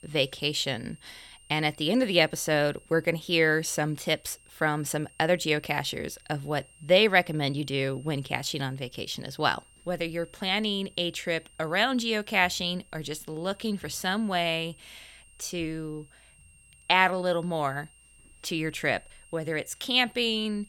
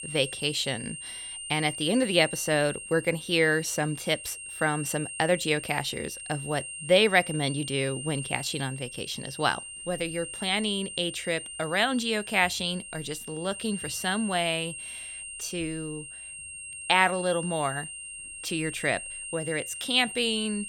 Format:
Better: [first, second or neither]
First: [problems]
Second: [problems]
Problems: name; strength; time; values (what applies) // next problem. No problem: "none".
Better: first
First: high-pitched whine; faint; throughout; 8.5 kHz, 30 dB below the speech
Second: high-pitched whine; loud; throughout; 8.5 kHz, 9 dB below the speech